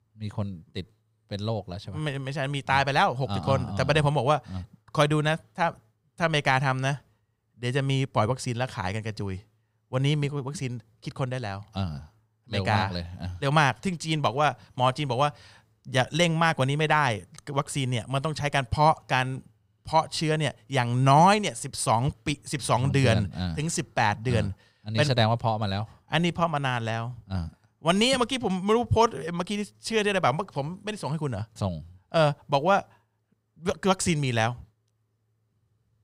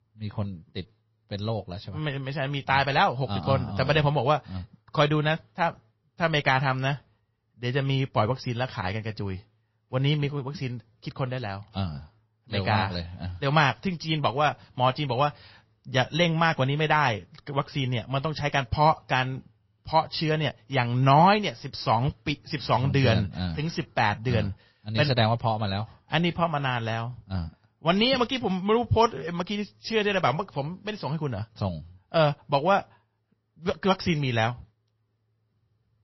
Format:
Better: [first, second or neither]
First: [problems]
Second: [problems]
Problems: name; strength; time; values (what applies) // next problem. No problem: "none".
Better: first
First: none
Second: garbled, watery; slightly; nothing above 5.5 kHz